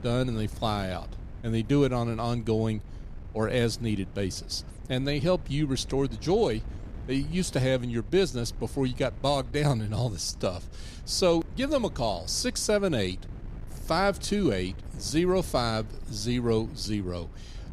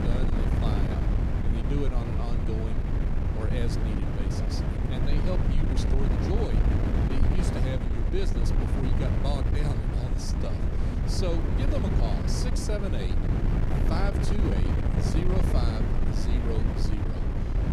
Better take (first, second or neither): first